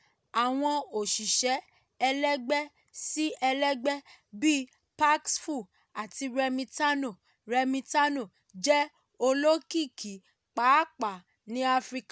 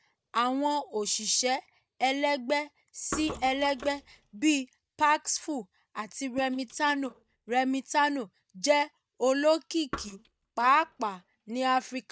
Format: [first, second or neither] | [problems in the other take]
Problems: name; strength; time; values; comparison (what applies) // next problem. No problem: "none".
first | noise reduction (neural mask model DeepFilterNet 3)